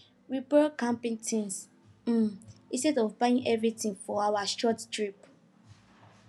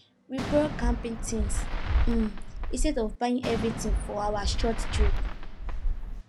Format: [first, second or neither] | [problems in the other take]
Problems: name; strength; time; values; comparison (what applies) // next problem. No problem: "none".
first | background sound (Fireworks); 4 dB above the speech